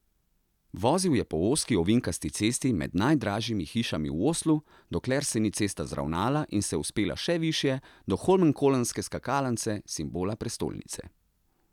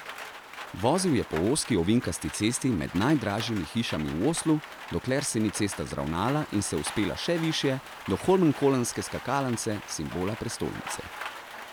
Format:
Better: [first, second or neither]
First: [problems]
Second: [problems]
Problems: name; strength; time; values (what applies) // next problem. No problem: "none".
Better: first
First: none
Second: background sound (Rain); 13 dB below the speech